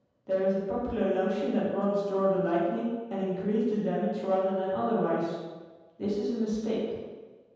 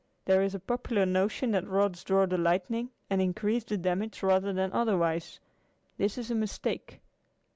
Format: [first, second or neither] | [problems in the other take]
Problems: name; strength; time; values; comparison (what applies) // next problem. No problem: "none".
second | room echo; dies away in 1.2 s